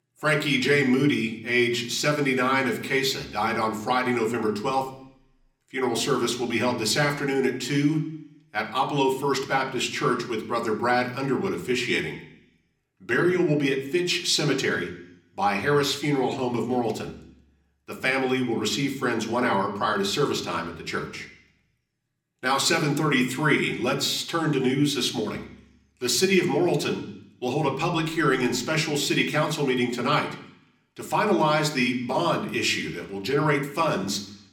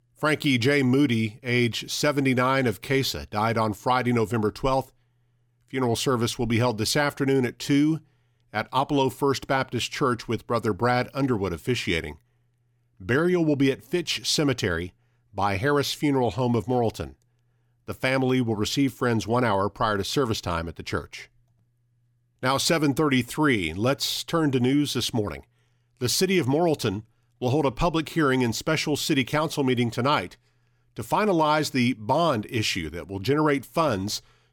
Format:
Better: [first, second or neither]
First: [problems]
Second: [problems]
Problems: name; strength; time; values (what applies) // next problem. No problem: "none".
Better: second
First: room echo; very slight; dies away in 0.6 s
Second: none